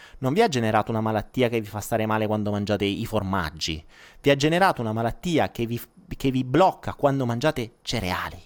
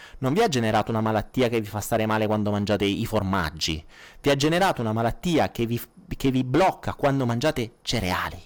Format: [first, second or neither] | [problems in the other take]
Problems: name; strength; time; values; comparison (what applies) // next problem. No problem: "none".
first | distortion; slight; 7% of the sound clipped